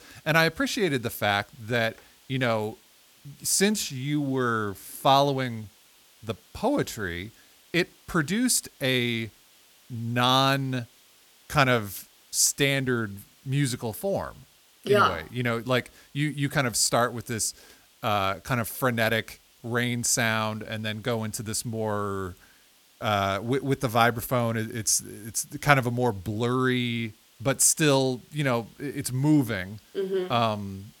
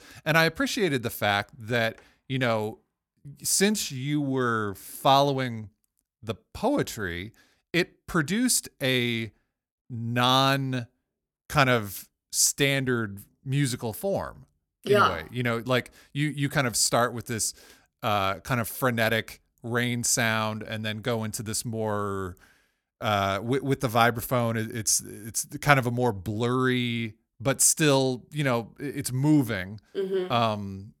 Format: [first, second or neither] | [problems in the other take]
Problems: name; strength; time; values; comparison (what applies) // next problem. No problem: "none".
second | hiss; faint; throughout; 30 dB below the speech